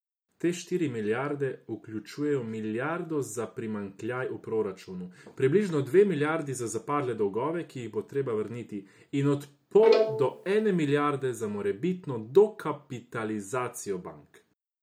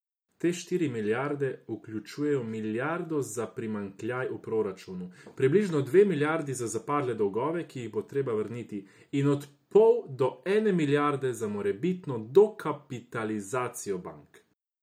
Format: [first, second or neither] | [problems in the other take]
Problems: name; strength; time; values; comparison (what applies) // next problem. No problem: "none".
second | background sound (Bowed string instrument); 1 dB below the speech